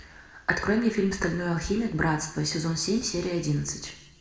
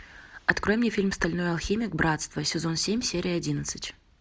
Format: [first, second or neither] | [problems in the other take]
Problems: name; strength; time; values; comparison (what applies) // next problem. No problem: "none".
second | room echo; dies away in 0.8 s